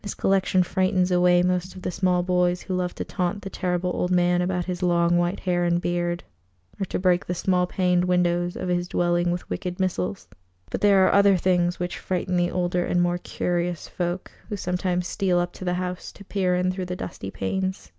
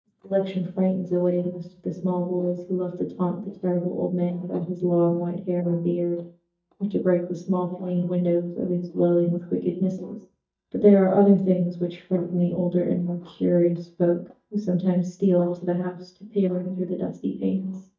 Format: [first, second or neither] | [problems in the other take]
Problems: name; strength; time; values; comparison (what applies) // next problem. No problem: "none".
first | noise reduction (neural mask model DeepFilterNet 3)